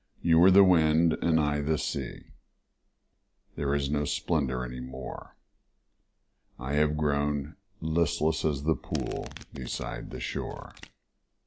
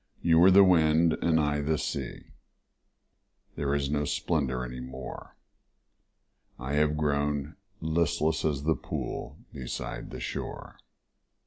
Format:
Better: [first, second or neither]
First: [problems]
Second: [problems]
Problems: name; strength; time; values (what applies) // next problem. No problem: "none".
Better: second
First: background sound (Domestic sounds, home sounds); 20 dB below the speech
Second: none